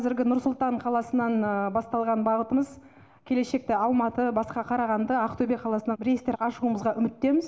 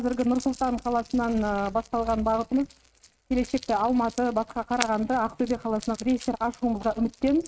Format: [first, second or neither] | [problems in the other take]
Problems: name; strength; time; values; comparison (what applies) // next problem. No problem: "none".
first | noise reduction (neural mask model RNNoise)